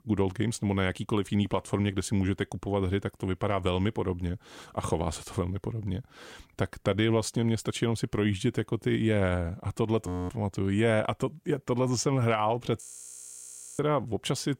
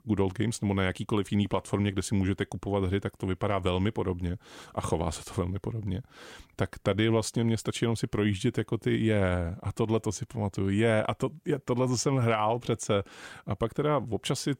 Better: second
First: audio freezing; at 10 s and at 13 s for 1 s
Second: none

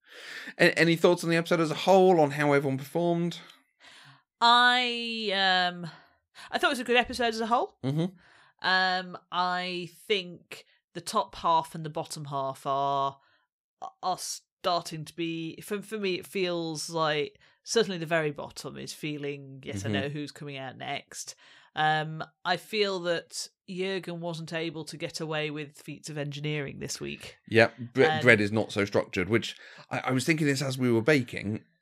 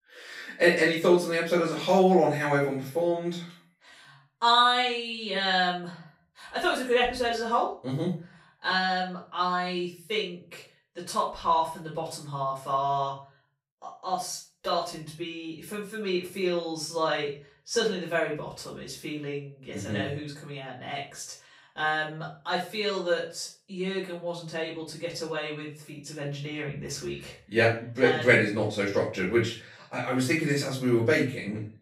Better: first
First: none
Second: off-mic speech; far // room echo; slight; dies away in 0.4 s

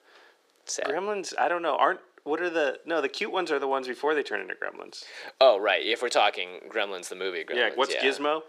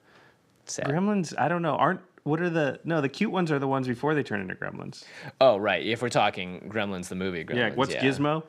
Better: second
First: thin; very; fading below 400 Hz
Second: none

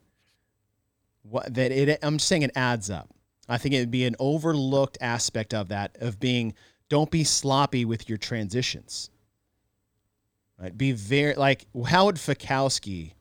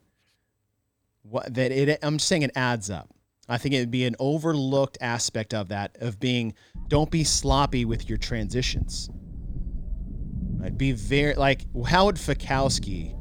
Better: first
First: none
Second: low rumble; faint; from 7 s on; 20 dB below the speech

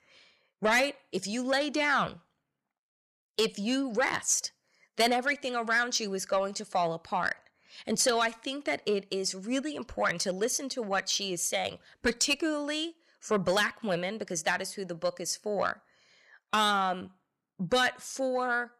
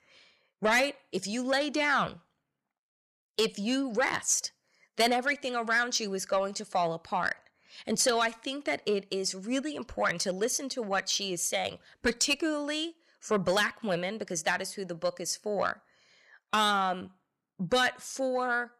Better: neither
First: distortion; slight; 10 dB below the speech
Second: distortion; slight; 10 dB below the speech

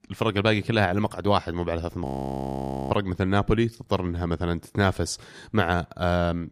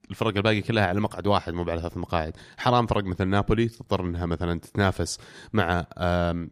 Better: second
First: audio freezing; at 2 s for 1 s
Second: none

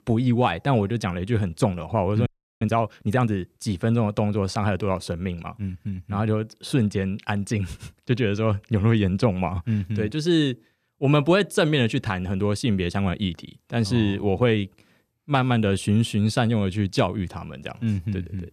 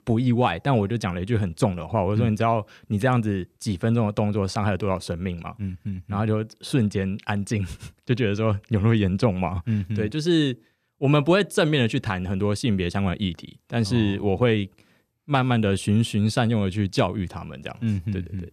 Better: second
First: audio freezing; at 2.5 s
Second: none

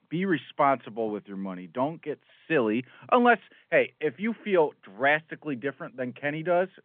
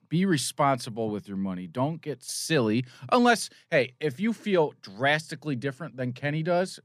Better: second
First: phone-call audio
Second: none

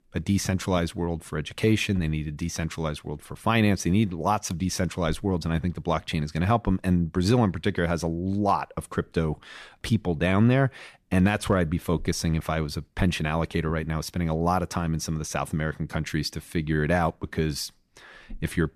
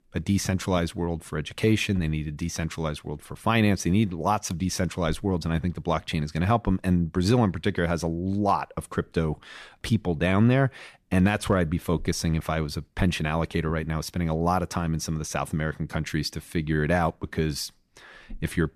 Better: neither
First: none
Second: none

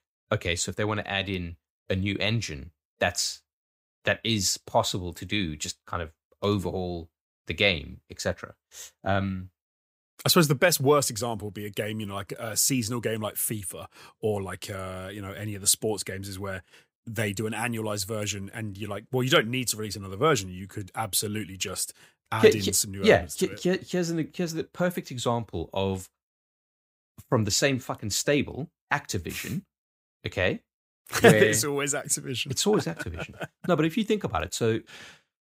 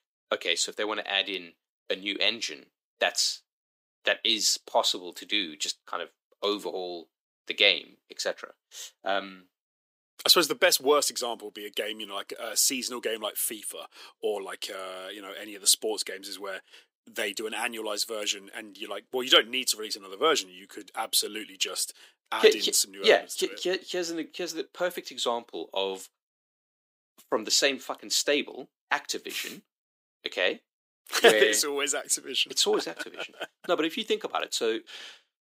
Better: first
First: none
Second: thin; somewhat; fading below 300 Hz

